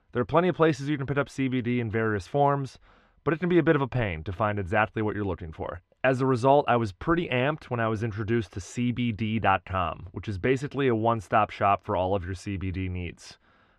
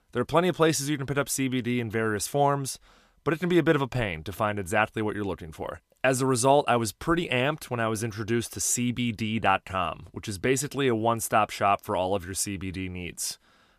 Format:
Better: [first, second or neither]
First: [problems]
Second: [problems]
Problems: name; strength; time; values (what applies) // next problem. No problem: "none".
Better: second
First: muffled; very; fading above 2.5 kHz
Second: none